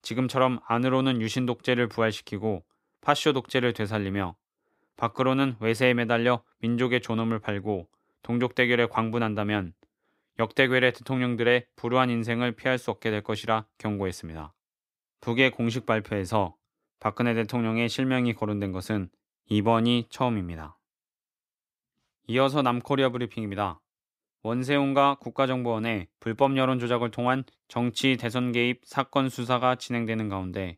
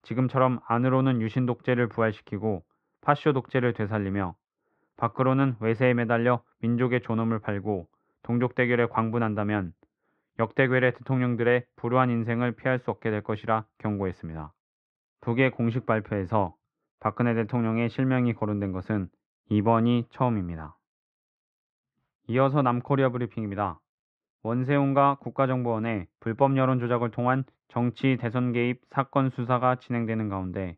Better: first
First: none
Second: muffled; very; fading above 1.5 kHz

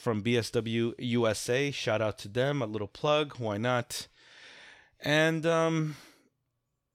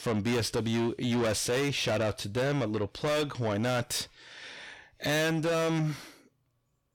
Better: first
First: none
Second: distortion; heavy; 6 dB below the speech

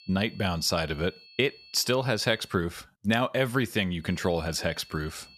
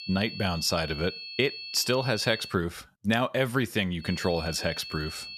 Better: first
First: high-pitched whine; faint; until 2.5 s and from 4 s on; 4.5 kHz, 20 dB below the speech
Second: high-pitched whine; loud; until 2.5 s and from 4 s on; 4.5 kHz, 10 dB below the speech

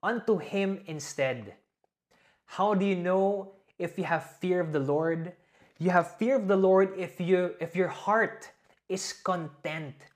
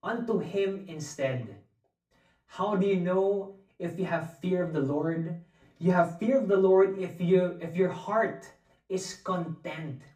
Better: first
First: none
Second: off-mic speech; far // room echo; very slight; dies away in 0.3 s

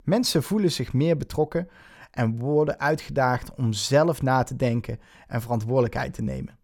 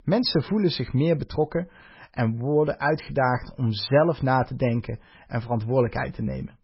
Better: first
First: none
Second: garbled, watery; badly; nothing above 5.5 kHz

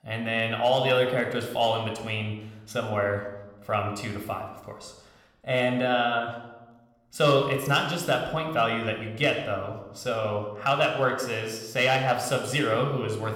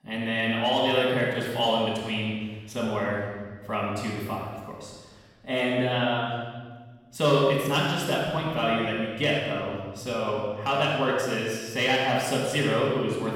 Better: first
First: room echo; slight; dies away in 0.8 s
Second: room echo; strong; dies away in 1.4 s // off-mic speech; far

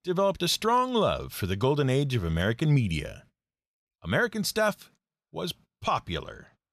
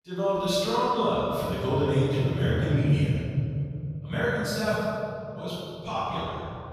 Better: first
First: none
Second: off-mic speech; far // room echo; strong; dies away in 3 s

